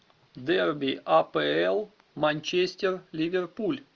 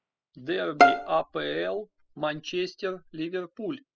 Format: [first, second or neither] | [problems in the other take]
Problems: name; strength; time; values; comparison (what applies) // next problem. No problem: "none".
first | noise reduction (classical method spectral subtraction)